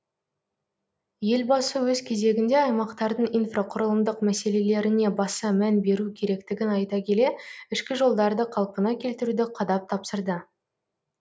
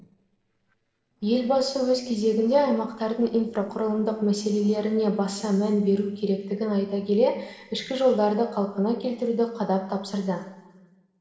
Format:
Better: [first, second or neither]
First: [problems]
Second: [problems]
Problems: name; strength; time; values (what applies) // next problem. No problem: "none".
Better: first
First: none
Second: noise reduction (neural separator model SepFormer DNS4)